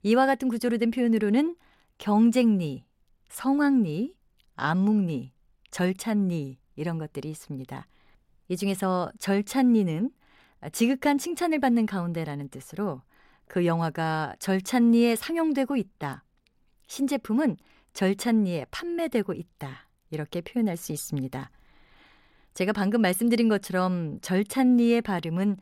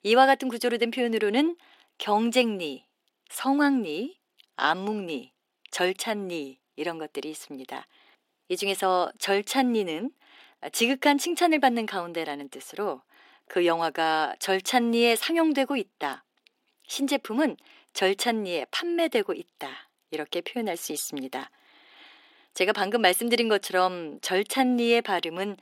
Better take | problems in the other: first | thin; somewhat; fading below 300 Hz

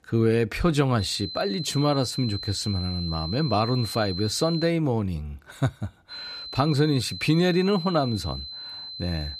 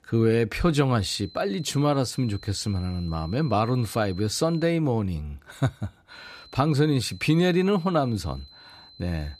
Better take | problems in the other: second | high-pitched whine; loud; from 1 to 4.5 s and from 6 s on; 4 kHz, 9 dB below the speech; faint in the second

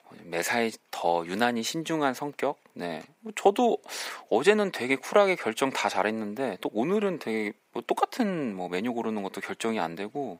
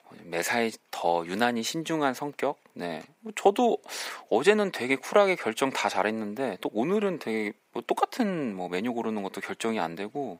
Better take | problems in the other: neither | thin; somewhat; fading below 350 Hz; the same in both

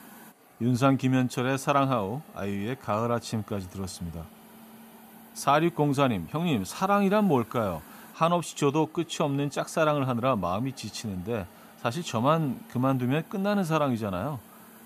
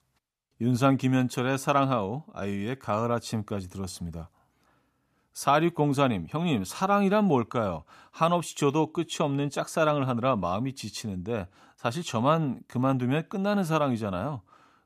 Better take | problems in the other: second | hiss; faint; throughout; 25 dB below the speech

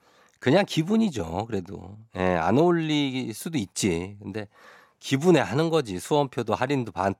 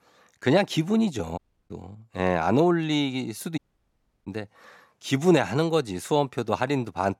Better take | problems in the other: first | audio cutting out; at 1.5 s and at 3.5 s for 0.5 s

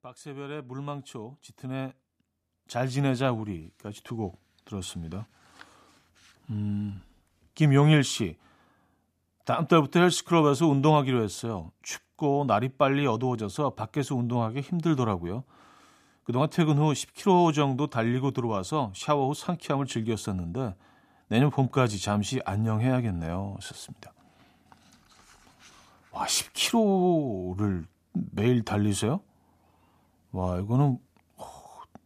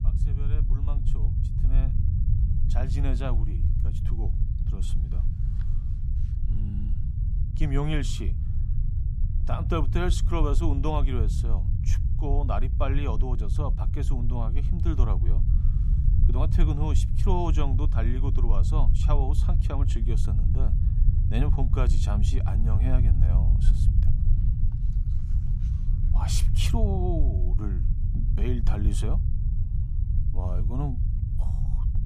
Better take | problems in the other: first | low rumble; loud; throughout; 7 dB below the speech

